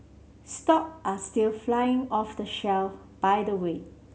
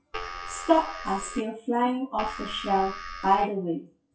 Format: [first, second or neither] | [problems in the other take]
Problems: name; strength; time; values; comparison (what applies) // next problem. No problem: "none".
first | noise reduction (classical method WPE with log-MMSE)